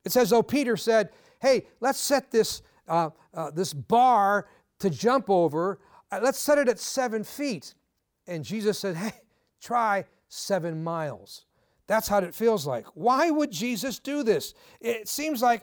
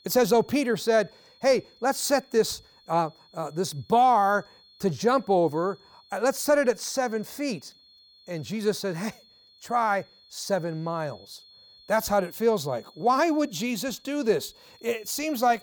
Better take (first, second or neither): first